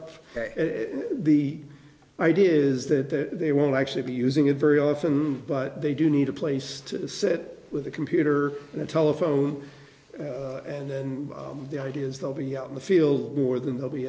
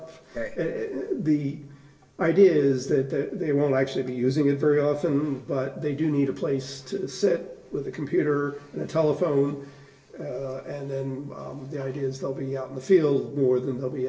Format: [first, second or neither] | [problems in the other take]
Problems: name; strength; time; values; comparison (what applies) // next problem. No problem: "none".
first | room echo; dies away in 0.2 s